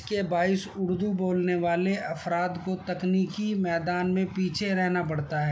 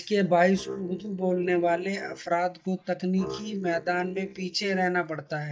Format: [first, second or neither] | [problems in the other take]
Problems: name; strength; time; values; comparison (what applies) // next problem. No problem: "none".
first | noise reduction (neural mask model DeepFilterNet 3)